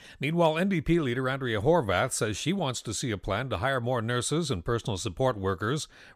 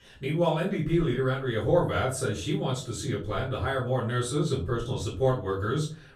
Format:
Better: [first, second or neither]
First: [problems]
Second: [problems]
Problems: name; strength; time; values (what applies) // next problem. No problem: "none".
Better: first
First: none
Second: off-mic speech; far // room echo; slight; dies away in 0.3 s